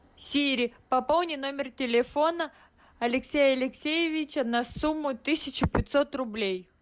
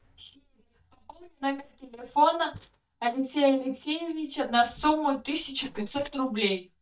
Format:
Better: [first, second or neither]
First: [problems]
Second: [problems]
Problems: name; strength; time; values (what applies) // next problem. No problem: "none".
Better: first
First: none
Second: noise reduction (neural mask model DeepFilterNet 3)